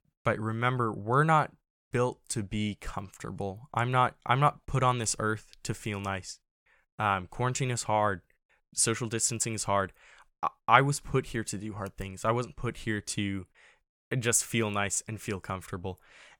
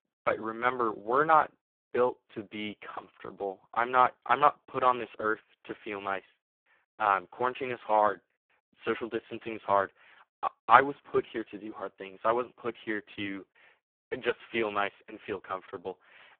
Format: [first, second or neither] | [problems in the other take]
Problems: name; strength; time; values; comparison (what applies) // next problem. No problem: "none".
first | phone-call audio; poor line